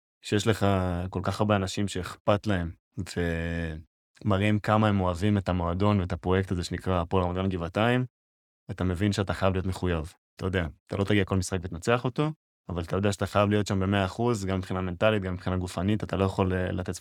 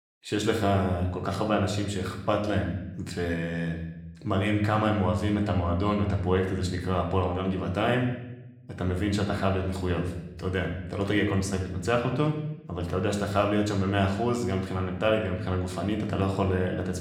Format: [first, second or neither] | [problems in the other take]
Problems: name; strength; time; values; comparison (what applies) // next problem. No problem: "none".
first | room echo; slight; dies away in 0.8 s // off-mic speech; somewhat distant